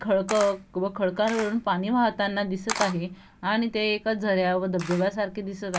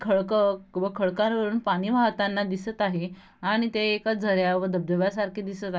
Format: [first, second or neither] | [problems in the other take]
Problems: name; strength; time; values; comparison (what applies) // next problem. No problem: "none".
second | background sound (Camera); 13 dB below the speech